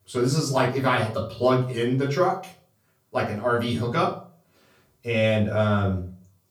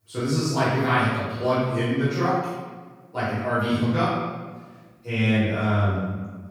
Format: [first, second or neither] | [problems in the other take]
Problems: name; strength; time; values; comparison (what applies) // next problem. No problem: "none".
first | room echo; strong; dies away in 1.2 s; slight in the first // off-mic speech; far; far in the first